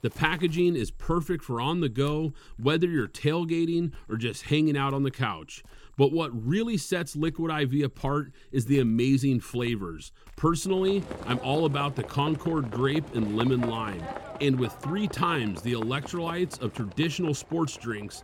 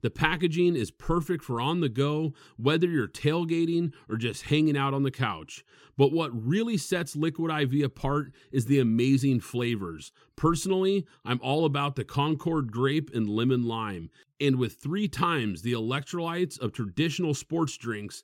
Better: second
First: animal sounds; noticeable; throughout; 15 dB below the speech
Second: none

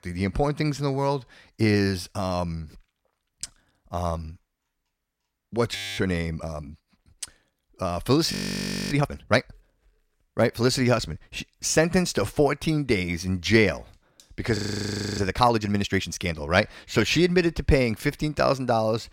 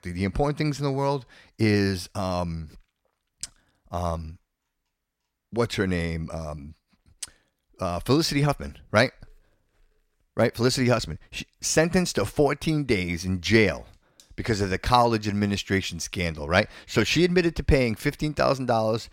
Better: second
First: audio freezing; at 6 s, at 8.5 s for 0.5 s and at 15 s for 0.5 s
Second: none

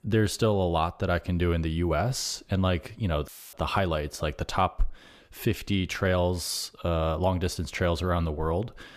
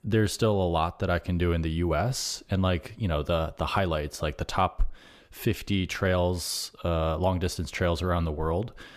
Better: second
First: audio cutting out; filled with static; at 3.5 s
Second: none

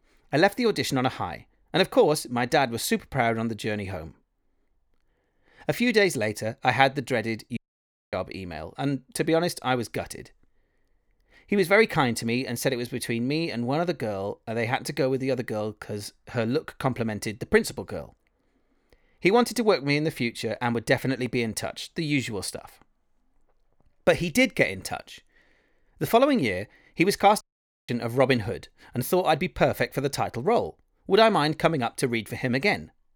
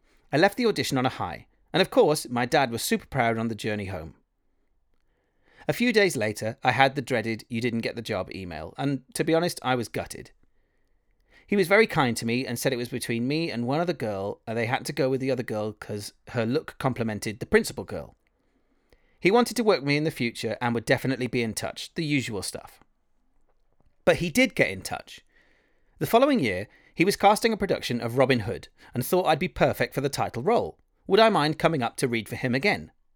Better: second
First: audio cutting out; at 7.5 s for 0.5 s and at 27 s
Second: none

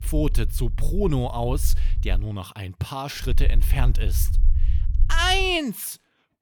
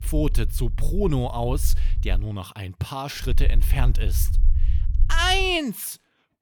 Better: neither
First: low rumble; faint; until 2 s and from 3.5 to 5.5 s; 20 dB below the speech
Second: low rumble; faint; until 2 s and from 3.5 to 5.5 s; 20 dB below the speech

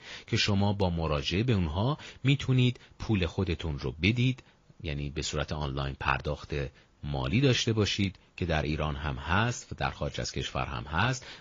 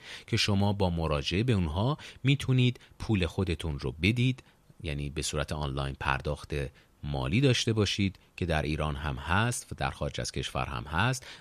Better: second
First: garbled, watery; slightly; nothing above 14.5 kHz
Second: none

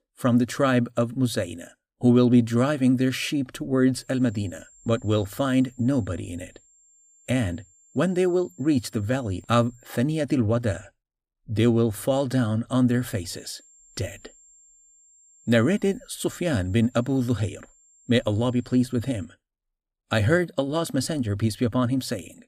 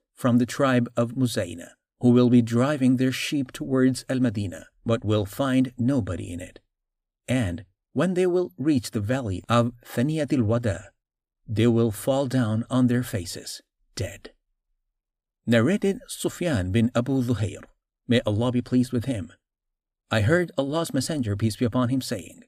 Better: second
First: high-pitched whine; faint; from 4 to 10 s and from 13 to 19 s; 7.5 kHz, 30 dB below the speech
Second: none

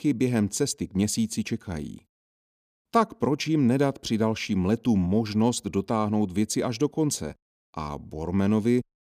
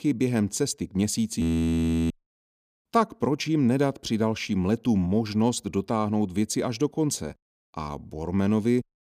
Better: first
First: none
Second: audio freezing; at 1.5 s for 0.5 s

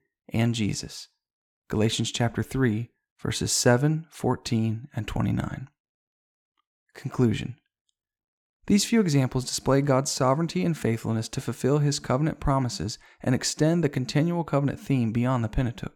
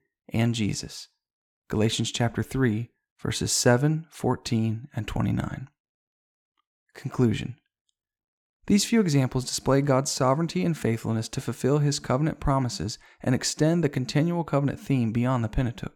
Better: neither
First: none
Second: none

